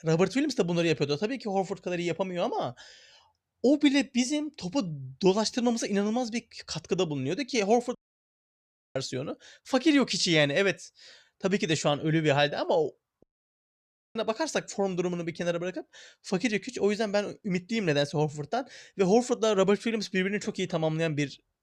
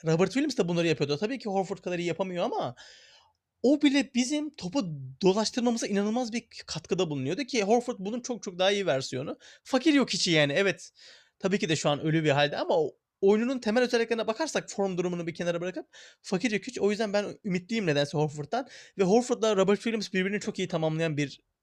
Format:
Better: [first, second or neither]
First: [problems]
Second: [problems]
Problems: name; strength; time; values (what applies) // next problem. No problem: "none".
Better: second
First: audio cutting out; at 8 s for 1 s and at 13 s for 1 s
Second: none